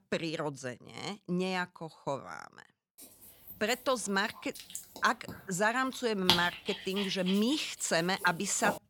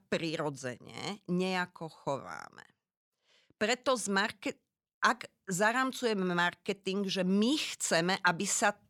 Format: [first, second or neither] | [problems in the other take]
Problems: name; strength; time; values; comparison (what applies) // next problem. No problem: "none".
second | dog barking; loud; from 5 s on; peak 4 dB above the speech